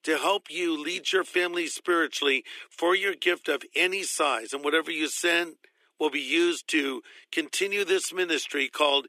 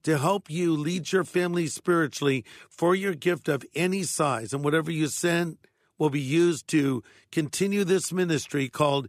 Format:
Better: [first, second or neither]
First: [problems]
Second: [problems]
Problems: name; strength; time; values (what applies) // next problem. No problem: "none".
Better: second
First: thin; somewhat; fading below 300 Hz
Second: none